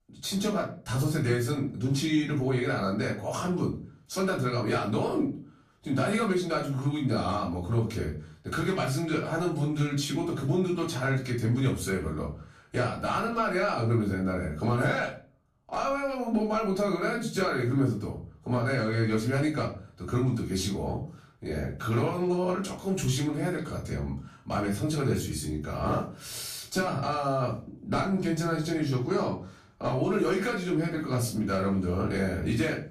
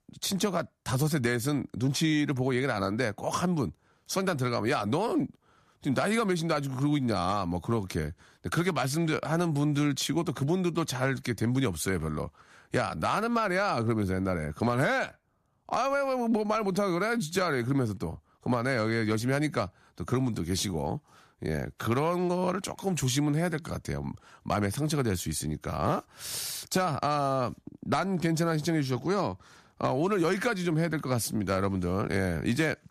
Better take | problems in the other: second | off-mic speech; far // room echo; slight; dies away in 0.4 s

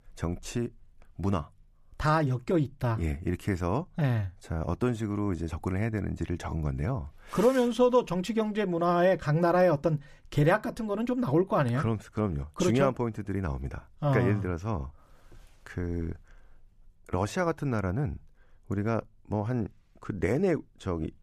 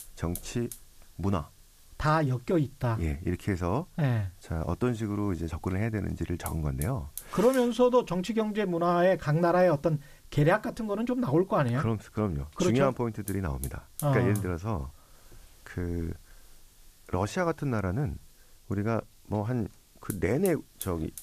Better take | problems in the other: first | hiss; noticeable; throughout; 20 dB below the speech

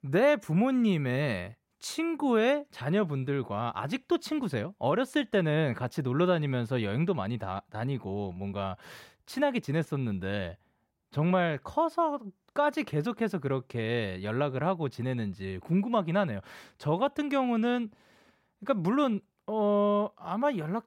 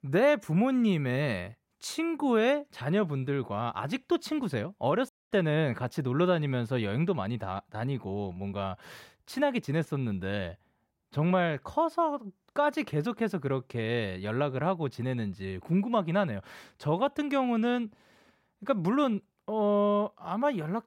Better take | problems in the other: first | audio cutting out; at 5 s

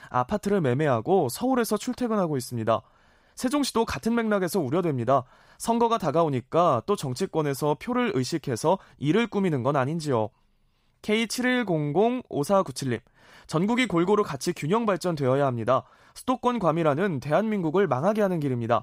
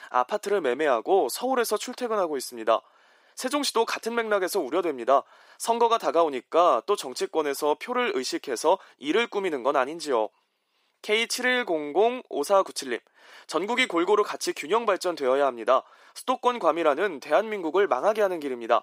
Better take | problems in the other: first | thin; somewhat; fading below 350 Hz

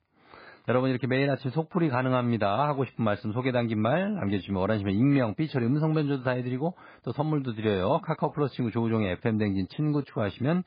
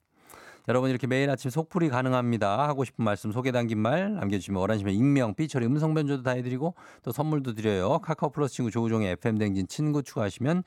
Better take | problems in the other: second | garbled, watery; badly; nothing above 4 kHz

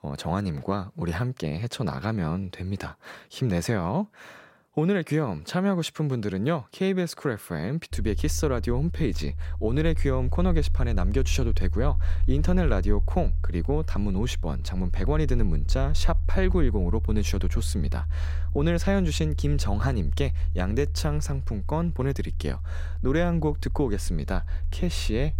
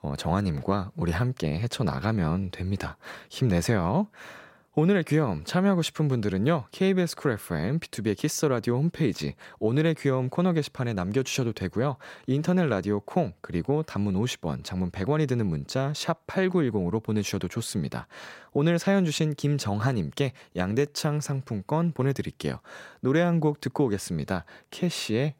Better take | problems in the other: second | low rumble; noticeable; from 8 s on; 20 dB below the speech

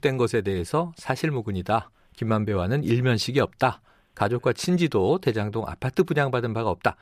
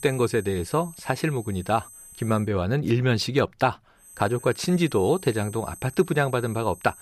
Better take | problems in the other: first | high-pitched whine; noticeable; until 2.5 s and from 4 s on; 8 kHz, 20 dB below the speech

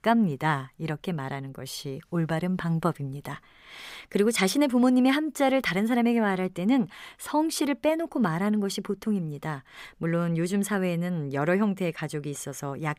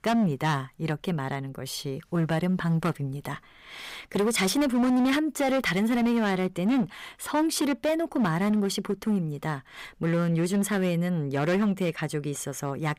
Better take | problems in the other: first | distortion; slight; 11% of the sound clipped

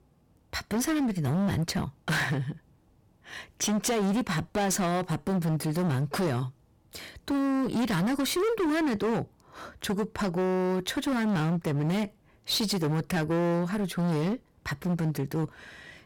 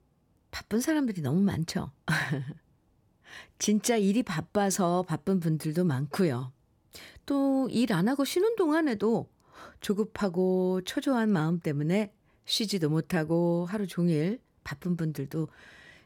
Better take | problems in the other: second | distortion; heavy; 24% of the sound clipped

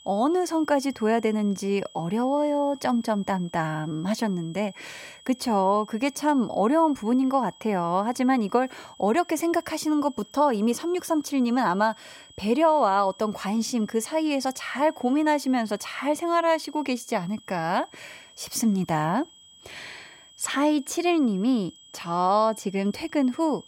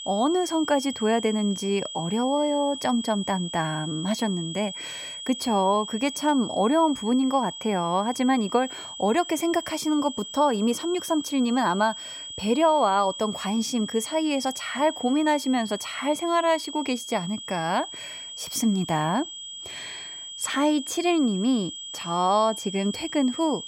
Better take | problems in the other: first | high-pitched whine; loud; throughout; 3.5 kHz, 10 dB below the speech; faint in the first

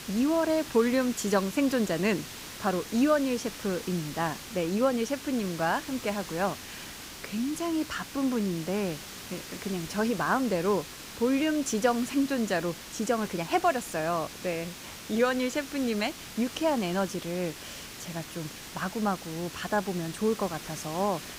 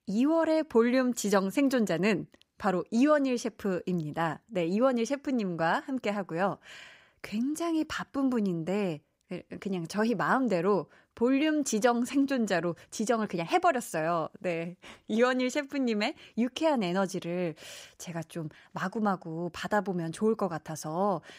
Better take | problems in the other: second | hiss; noticeable; throughout; 10 dB below the speech

